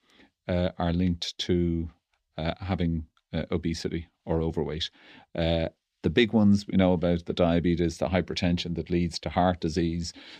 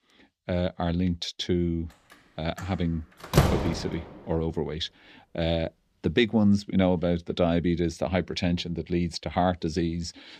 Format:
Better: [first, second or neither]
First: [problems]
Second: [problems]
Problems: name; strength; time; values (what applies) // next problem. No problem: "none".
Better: first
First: none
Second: door banging; loud; at 3.5 s; peak 4 dB above the speech